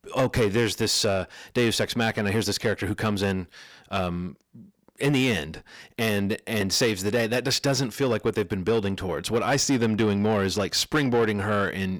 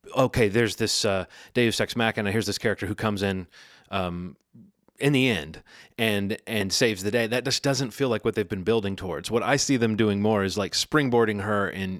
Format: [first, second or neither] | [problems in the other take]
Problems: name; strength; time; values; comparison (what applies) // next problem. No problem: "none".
second | distortion; slight; 10 dB below the speech